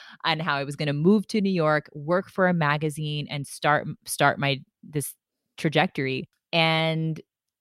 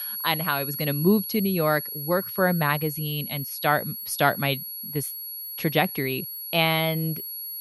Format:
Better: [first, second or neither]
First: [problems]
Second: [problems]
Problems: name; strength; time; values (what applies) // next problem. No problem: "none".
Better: first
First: none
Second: high-pitched whine; loud; throughout; 11.5 kHz, 6 dB below the speech